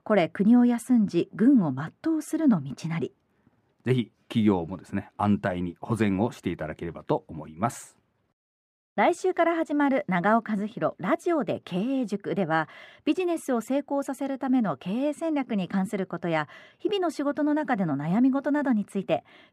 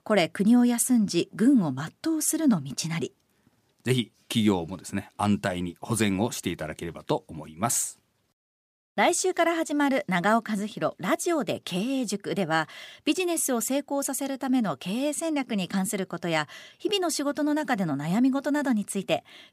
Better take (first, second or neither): second